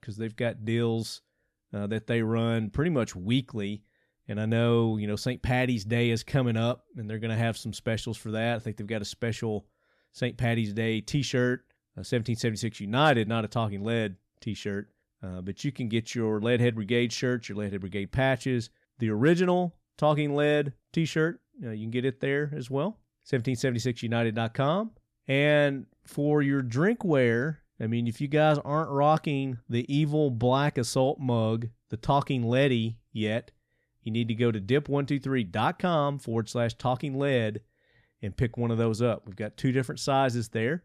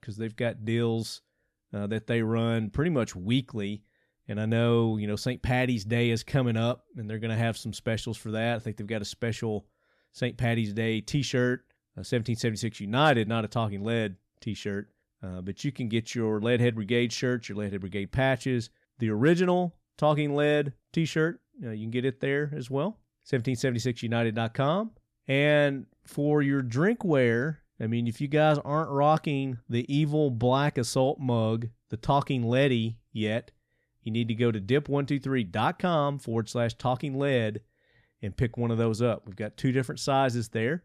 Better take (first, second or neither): neither